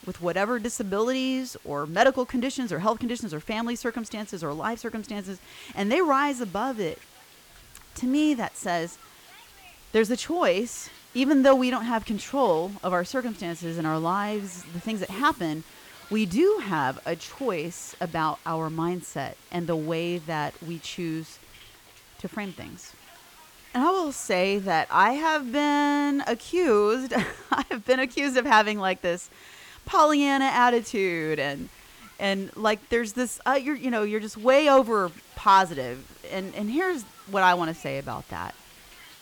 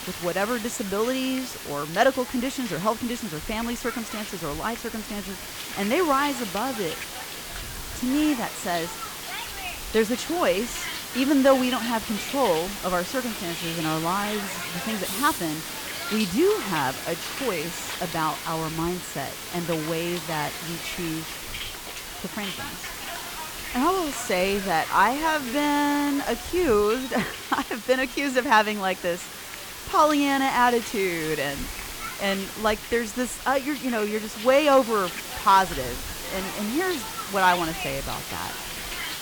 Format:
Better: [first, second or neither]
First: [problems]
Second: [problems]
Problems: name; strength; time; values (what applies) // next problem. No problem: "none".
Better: first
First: hiss; faint; throughout; 25 dB below the speech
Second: hiss; loud; throughout; 7 dB below the speech